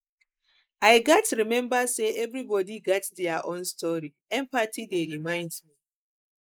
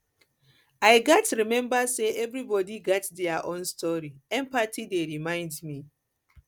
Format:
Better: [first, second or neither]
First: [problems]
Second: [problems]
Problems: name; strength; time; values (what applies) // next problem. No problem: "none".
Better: second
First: noise reduction (neural mask model Resemble Enhance denoiser)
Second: none